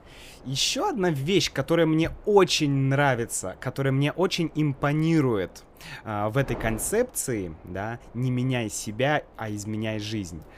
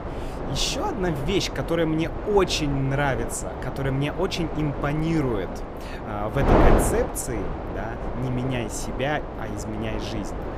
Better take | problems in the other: first | wind noise on the microphone; heavy; 2 dB below the speech; occasional gusts in the first

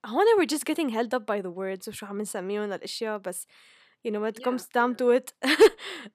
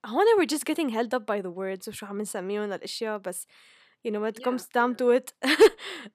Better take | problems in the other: neither | none

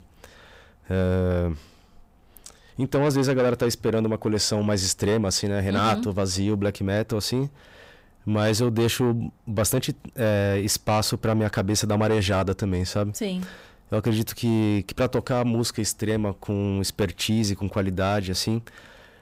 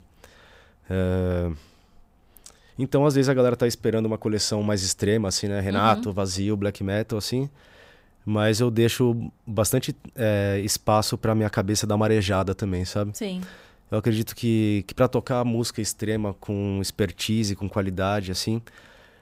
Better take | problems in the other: second | distortion; slight; 10 dB below the speech

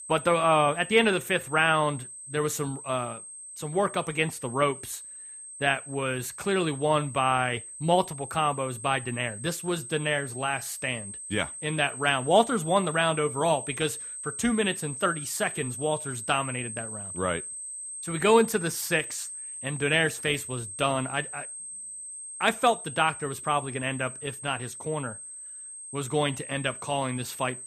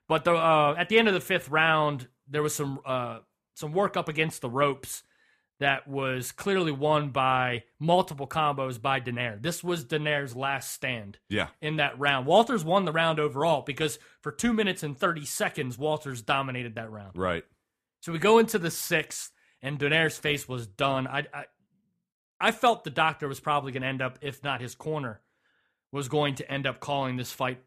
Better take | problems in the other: second | high-pitched whine; loud; throughout; 8.5 kHz, 10 dB below the speech

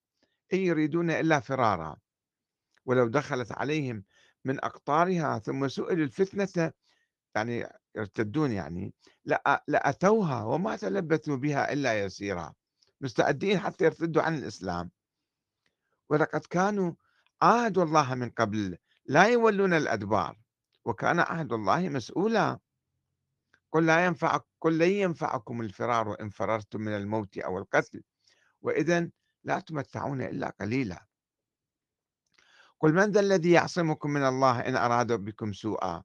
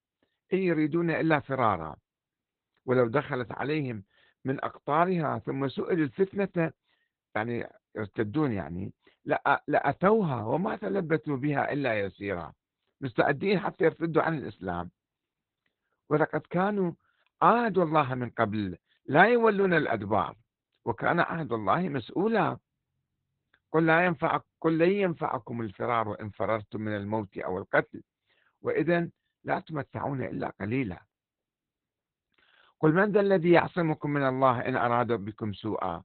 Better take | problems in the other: first | garbled, watery; badly; nothing above 4 kHz; slightly in the first

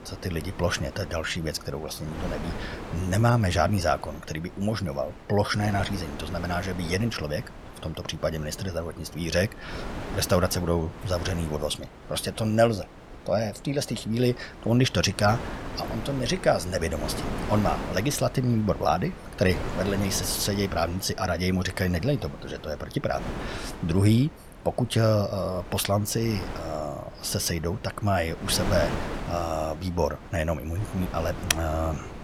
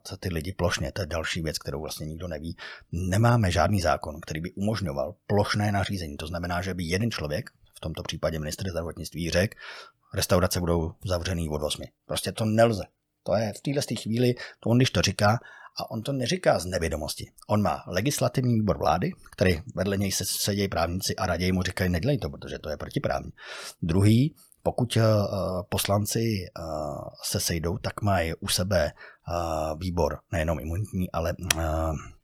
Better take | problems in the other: second | wind noise on the microphone; occasional gusts; 10 dB below the speech

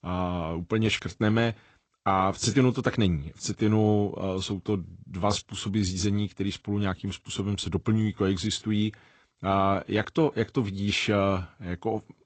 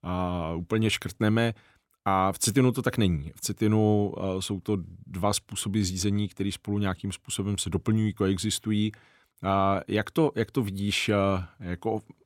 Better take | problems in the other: second | garbled, watery; slightly; nothing above 8 kHz

